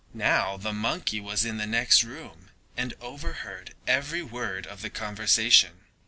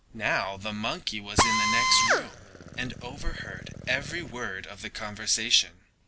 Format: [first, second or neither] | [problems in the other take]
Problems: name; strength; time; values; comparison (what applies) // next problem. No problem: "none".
first | background sound (Drill); 2 dB above the speech